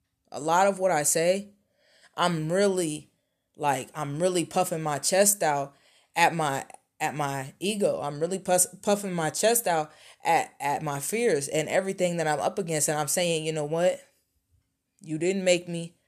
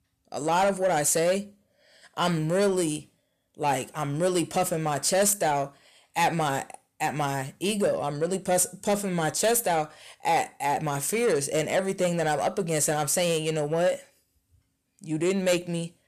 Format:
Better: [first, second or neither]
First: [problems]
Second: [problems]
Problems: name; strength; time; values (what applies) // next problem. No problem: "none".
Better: first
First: none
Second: distortion; slight; 10 dB below the speech